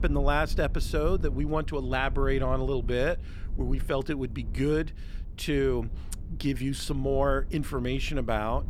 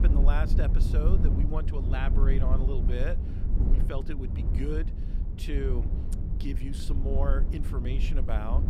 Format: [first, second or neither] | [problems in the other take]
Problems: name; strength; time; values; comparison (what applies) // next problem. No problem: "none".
first | low rumble; loud; throughout; 5 dB below the speech; faint in the first